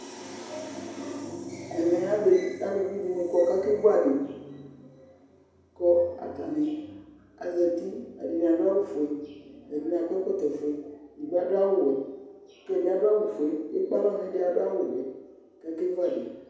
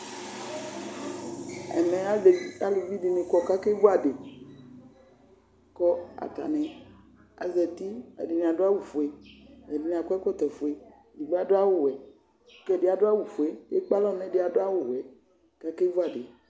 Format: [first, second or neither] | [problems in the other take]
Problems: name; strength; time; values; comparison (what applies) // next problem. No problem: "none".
second | room echo; dies away in 0.9 s